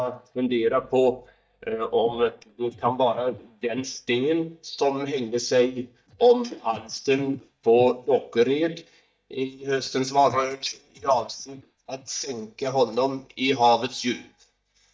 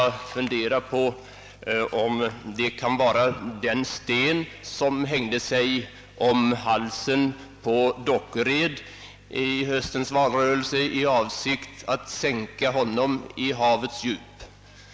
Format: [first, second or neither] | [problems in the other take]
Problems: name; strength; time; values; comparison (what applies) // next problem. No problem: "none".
second | noise reduction (neural mask model DeepFilterNet 3)